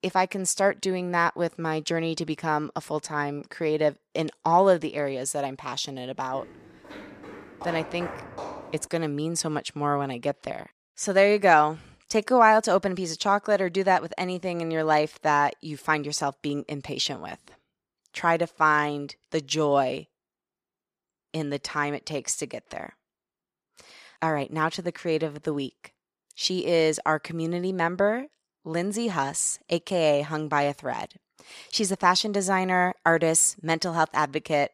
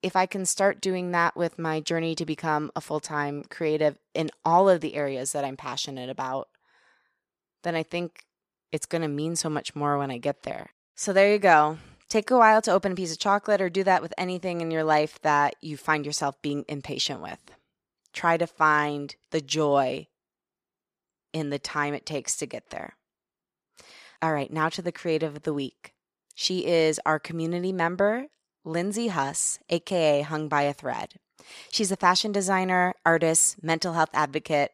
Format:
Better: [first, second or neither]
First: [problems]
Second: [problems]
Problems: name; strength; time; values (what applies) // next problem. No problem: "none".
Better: second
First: footsteps; faint; from 6.5 to 9 s; peak 10 dB below the speech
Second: none